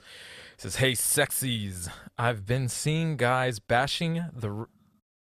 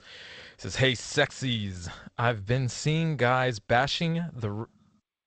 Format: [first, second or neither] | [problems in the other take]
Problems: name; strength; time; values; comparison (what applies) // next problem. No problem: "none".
first | garbled, watery; slightly; nothing above 8 kHz